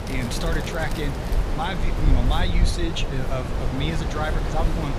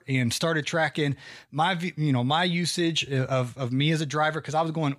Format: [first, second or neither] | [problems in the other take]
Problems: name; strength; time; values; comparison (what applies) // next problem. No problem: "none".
second | wind noise on the microphone; heavy; 3 dB below the speech